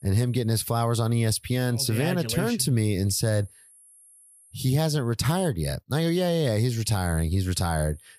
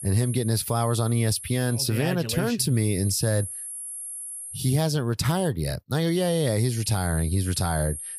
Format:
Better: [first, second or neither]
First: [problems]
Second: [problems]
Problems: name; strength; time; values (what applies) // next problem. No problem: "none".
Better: first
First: high-pitched whine; faint; until 2 s, from 2.5 to 5 s and from 6 s on; 11 kHz, 30 dB below the speech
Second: high-pitched whine; loud; until 2 s, from 2.5 to 5 s and from 6 s on; 11 kHz, 10 dB below the speech